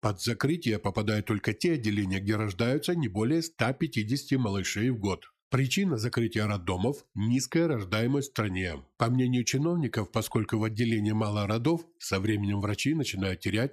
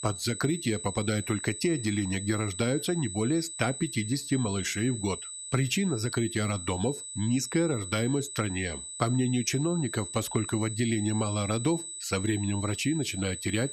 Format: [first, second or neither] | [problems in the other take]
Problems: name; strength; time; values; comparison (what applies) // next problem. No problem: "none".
first | high-pitched whine; loud; throughout; 8 kHz, 8 dB below the speech